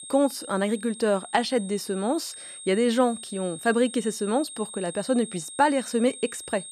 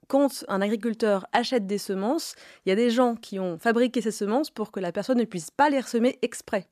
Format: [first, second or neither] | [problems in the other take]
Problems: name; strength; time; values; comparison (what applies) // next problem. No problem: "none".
second | high-pitched whine; noticeable; throughout; 8.5 kHz, 10 dB below the speech